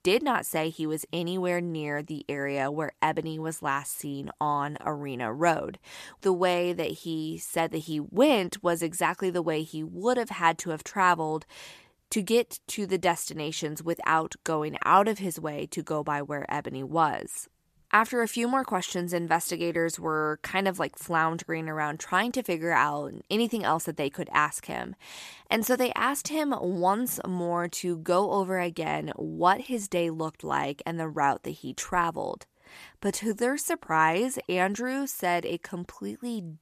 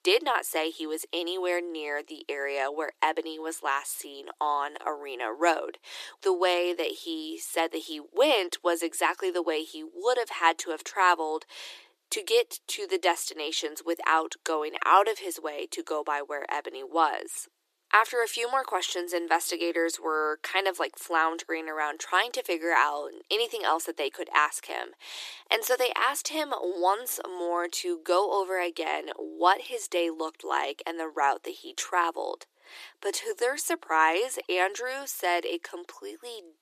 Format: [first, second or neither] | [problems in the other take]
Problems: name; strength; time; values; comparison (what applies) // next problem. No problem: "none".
first | thin; very; fading below 350 Hz